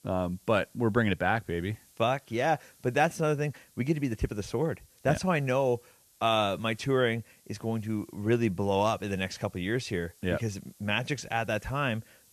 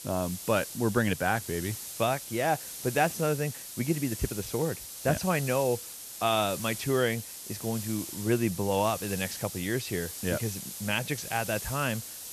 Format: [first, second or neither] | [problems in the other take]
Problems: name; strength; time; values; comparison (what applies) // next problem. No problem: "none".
first | hiss; loud; throughout; 8 dB below the speech; faint in the first